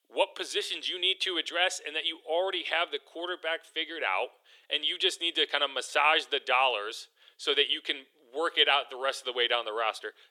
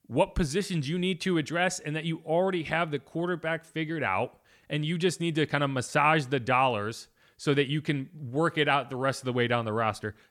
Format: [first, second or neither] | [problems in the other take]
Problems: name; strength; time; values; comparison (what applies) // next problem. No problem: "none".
second | thin; very; fading below 400 Hz